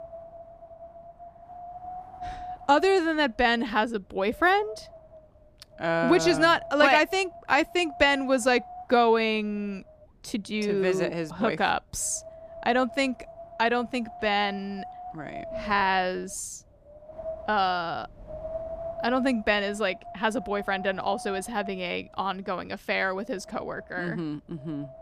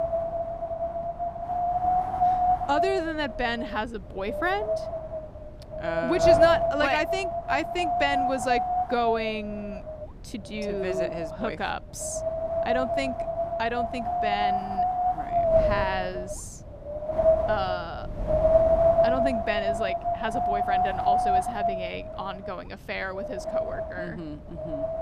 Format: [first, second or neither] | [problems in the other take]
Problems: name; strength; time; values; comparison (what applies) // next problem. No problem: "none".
first | wind noise on the microphone; heavy; 5 dB above the speech; occasional gusts in the first